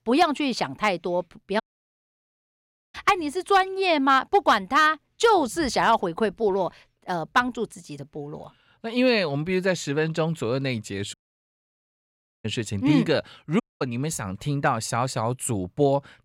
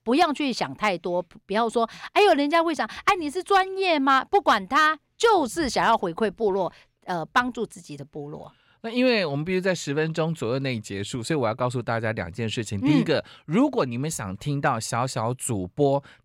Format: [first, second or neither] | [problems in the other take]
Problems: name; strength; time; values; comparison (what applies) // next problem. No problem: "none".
second | audio cutting out; at 1.5 s for 1.5 s, at 11 s for 1.5 s and at 14 s